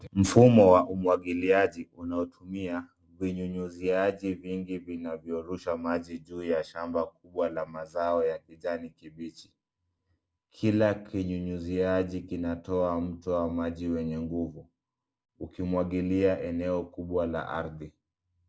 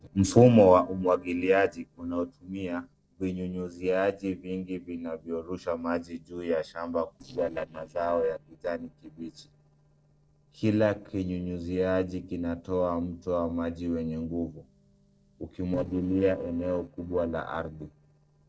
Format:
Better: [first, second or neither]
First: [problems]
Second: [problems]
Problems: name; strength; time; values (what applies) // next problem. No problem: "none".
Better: first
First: none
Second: noise reduction (neural separator model SepFormer DNS4)